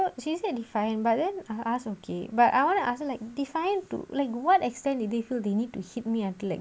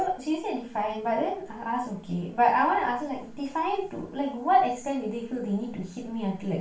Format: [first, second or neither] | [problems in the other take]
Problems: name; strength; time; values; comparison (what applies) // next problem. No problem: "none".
first | room echo; dies away in 0.3 s